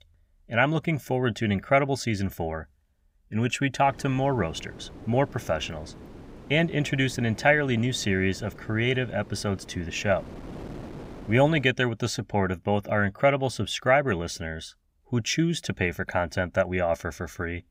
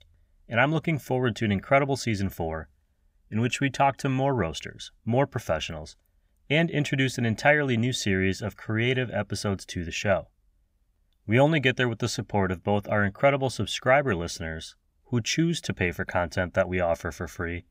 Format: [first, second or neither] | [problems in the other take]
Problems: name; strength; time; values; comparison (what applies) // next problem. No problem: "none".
second | wind noise on the microphone; occasional gusts; from 4 to 12 s; 20 dB below the speech